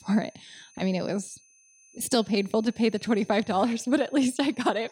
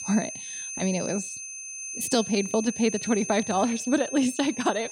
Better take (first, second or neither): first